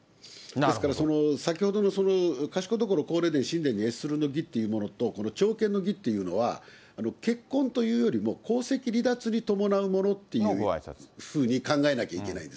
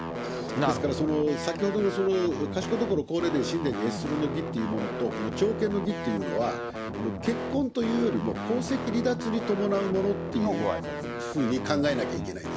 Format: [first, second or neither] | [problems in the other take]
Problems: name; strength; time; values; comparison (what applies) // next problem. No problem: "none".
first | background sound (Guitar); 5 dB below the speech